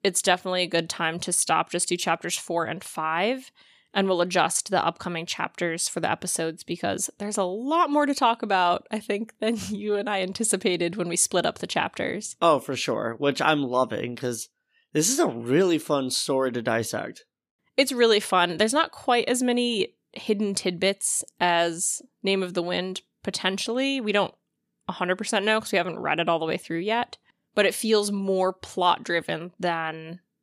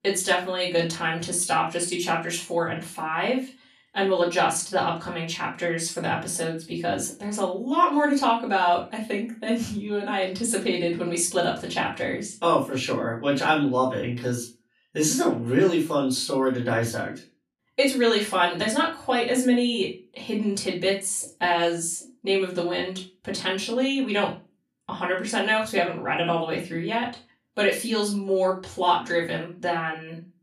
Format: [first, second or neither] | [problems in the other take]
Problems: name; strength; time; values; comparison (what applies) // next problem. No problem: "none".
first | off-mic speech; far // room echo; slight; dies away in 0.3 s